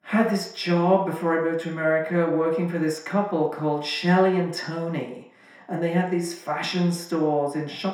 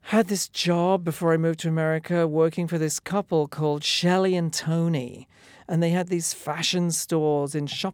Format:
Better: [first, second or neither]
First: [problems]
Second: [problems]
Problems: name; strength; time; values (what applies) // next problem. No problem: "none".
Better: second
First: room echo; slight; dies away in 0.6 s // off-mic speech; somewhat distant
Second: none